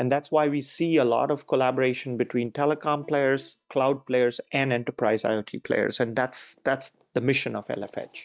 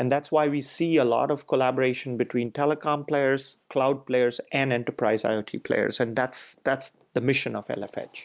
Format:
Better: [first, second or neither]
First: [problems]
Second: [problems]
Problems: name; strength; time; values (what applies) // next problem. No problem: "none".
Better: second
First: noise reduction (neural mask model DeepFilterNet 3)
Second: none